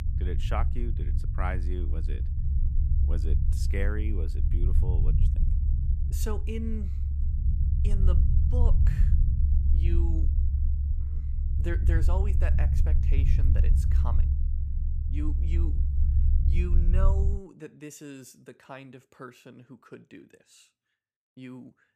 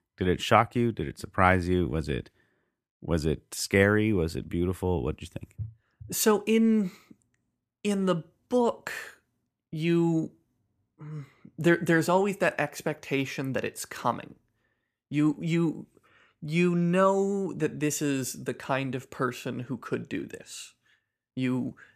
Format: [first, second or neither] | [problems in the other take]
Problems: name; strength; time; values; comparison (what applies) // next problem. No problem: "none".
second | low rumble; loud; until 17 s; 4 dB below the speech